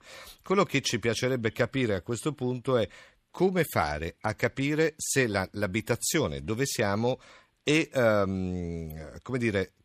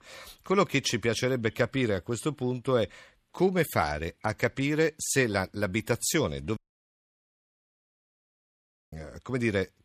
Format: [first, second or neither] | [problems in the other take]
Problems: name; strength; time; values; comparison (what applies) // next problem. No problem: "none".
first | audio cutting out; at 6.5 s for 2.5 s